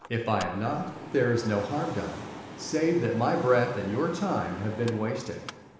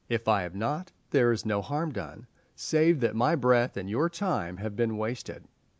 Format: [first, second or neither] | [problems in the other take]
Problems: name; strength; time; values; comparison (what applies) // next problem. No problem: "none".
second | background sound (Mechanical fan); 14 dB below the speech // room echo; dies away in 1.1 s